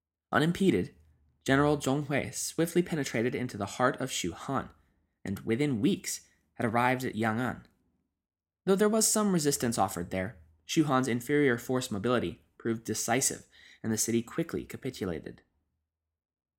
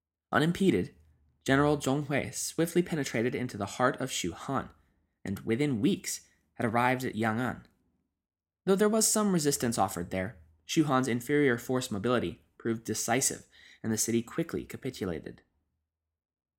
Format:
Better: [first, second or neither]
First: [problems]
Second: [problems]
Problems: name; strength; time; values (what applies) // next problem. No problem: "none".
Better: neither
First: none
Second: none